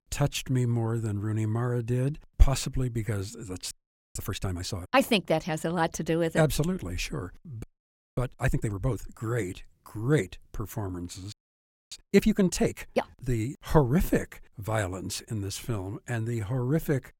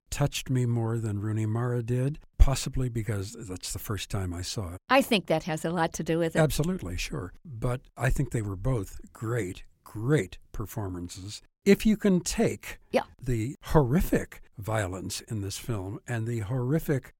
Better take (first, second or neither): second